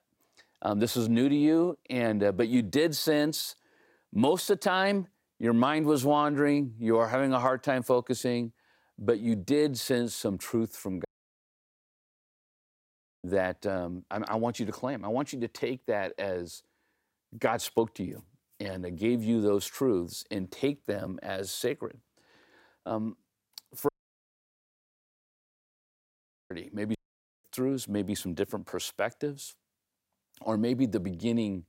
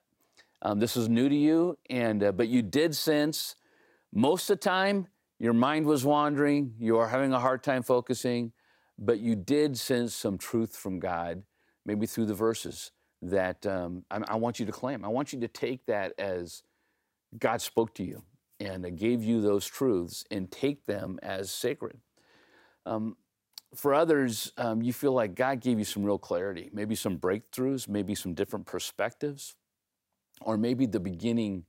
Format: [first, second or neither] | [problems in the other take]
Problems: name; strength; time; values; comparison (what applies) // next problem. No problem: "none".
second | audio cutting out; at 11 s for 2 s, at 24 s for 2.5 s and at 27 s